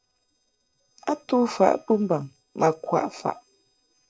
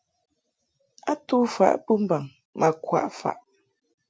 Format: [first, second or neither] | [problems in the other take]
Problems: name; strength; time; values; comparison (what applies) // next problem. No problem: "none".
second | noise reduction (neural separator model SepFormer DNS4)